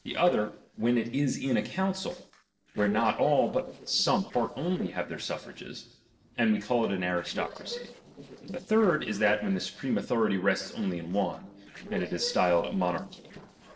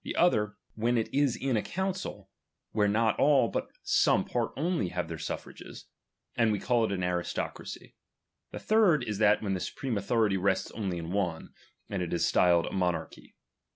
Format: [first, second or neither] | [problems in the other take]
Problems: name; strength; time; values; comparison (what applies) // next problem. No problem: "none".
second | noise reduction (neural separator model SepFormer DNS4)